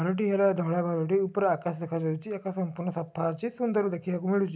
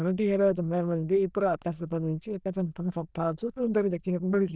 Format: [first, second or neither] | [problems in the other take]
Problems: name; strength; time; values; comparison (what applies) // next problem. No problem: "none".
first | noise reduction (neural diffusion model UNIVERSE++)